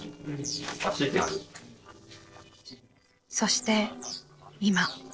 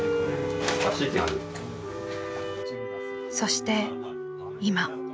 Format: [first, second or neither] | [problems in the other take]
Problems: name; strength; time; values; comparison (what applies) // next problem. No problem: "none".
second | noise reduction (neural separator model SepFormer DNS4)